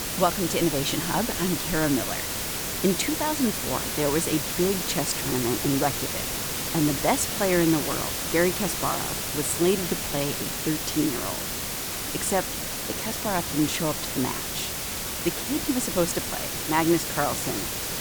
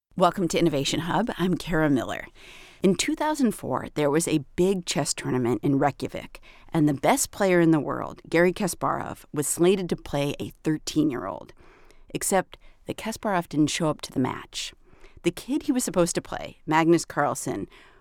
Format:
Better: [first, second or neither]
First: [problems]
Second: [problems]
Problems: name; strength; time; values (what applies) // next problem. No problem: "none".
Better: second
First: hiss; loud; throughout; 1 dB below the speech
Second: none